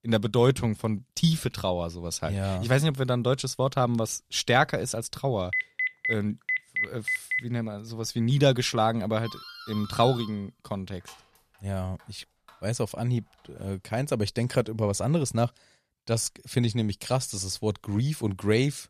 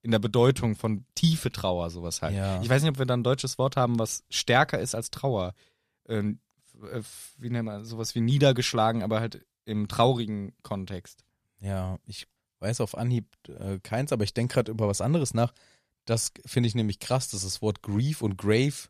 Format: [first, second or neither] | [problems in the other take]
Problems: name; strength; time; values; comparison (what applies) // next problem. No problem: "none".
second | phone ringing; loud; from 5.5 to 7.5 s; peak level with the speech // doorbell; faint; from 9 to 14 s; peak 15 dB below the speech